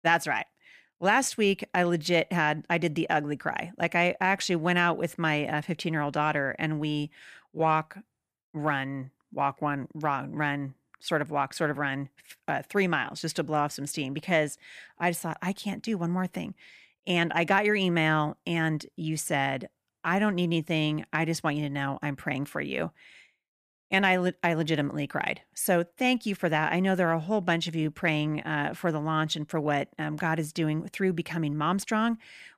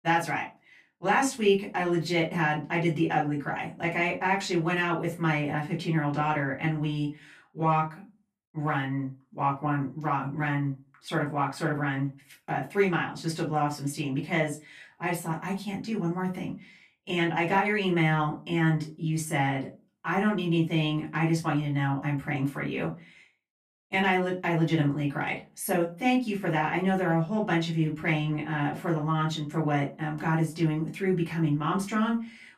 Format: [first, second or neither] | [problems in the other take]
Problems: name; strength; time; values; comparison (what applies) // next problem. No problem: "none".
first | off-mic speech; far // room echo; very slight; dies away in 0.2 s